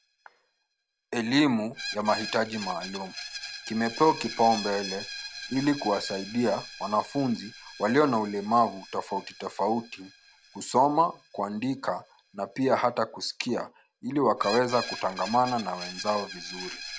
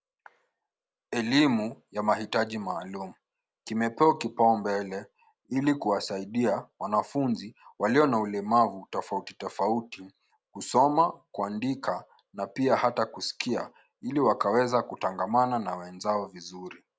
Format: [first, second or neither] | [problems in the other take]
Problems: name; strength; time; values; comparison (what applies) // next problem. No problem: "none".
second | background sound (Screech); 14 dB below the speech